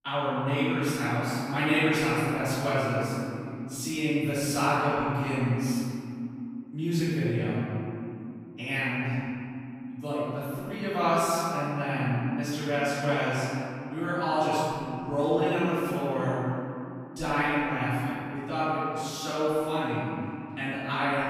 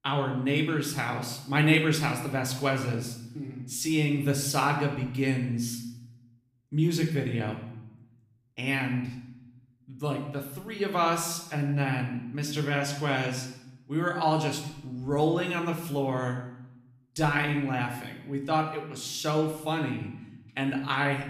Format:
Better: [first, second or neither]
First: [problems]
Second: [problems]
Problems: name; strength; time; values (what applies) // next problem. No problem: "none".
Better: second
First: room echo; strong; dies away in 2.9 s // off-mic speech; far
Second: room echo; slight; dies away in 0.7 s // off-mic speech; somewhat distant